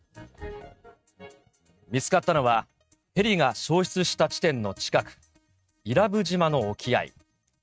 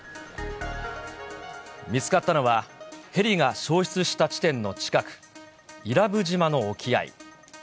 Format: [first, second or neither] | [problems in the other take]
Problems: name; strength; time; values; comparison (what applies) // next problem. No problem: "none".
second | noise reduction (neural mask model RNNoise)